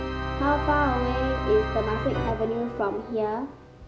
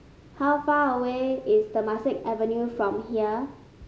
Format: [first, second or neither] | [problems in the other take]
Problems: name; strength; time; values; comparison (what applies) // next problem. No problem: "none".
second | background sound (Organ); 3 dB below the speech